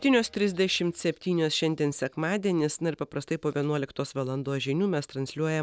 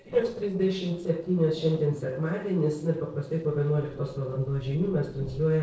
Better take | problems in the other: first | noise reduction (neural separator model SepFormer DNS4)

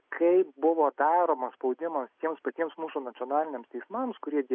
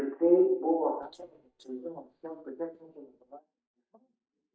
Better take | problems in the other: first | noise reduction (neural mask model DeepFilterNet 3)

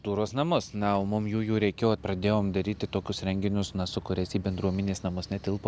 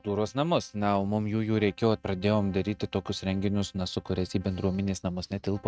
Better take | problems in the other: first | noise reduction (neural mask model RNNoise)

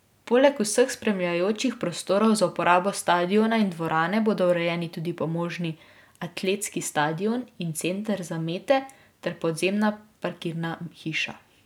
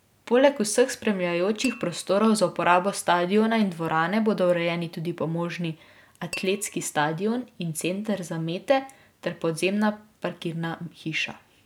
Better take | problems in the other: first | background sound (Tap / Glass); 17 dB below the speech

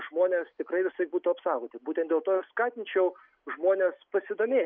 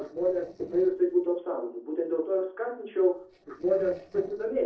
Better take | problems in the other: first | noise reduction (neural separator model SepFormer DNS4)

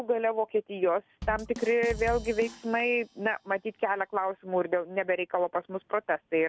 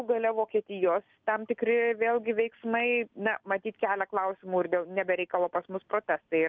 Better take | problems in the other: second | background sound (Bass drum / Drum kit); 14 dB below the speech

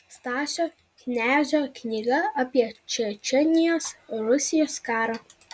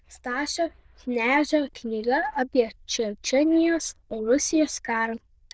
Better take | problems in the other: first | noise reduction (neural diffusion model UNIVERSE++)

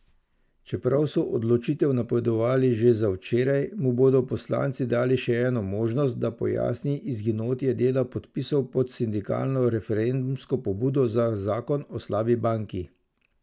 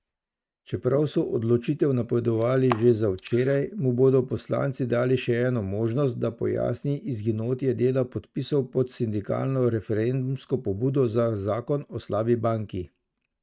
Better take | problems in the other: first | noise reduction (neural mask model RNNoise)

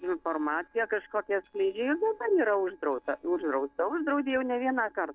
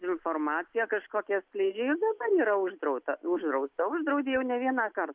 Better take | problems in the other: second | noise reduction (neural separator model SepFormer DNS4)

